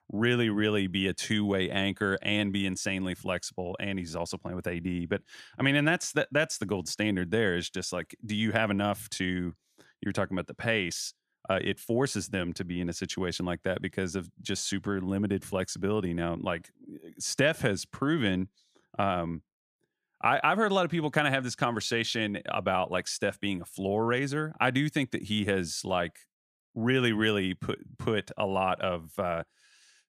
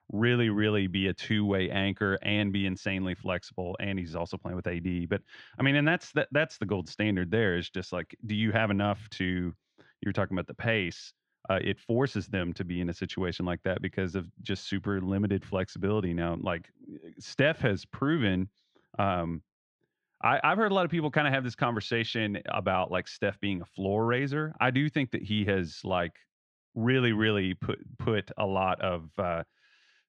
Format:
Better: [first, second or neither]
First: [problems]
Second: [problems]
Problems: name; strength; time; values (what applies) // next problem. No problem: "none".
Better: first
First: none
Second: muffled; slightly; fading above 3.5 kHz